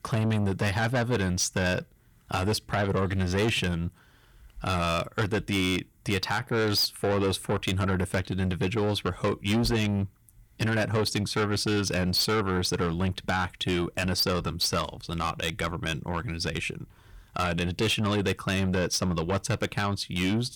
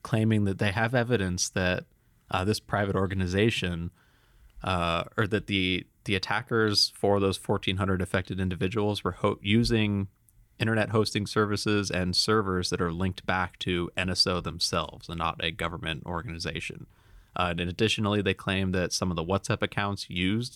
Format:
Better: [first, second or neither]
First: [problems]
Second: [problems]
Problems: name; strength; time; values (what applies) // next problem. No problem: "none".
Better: second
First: distortion; heavy; 8 dB below the speech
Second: none